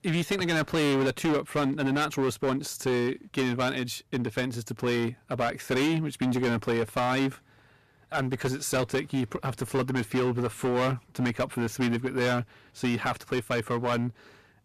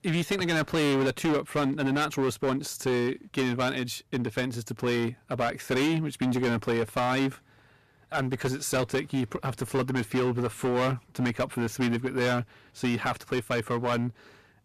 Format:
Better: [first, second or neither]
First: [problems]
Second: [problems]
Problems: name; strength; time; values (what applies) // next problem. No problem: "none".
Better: neither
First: distortion; heavy; 14% of the sound clipped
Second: distortion; heavy; 14% of the sound clipped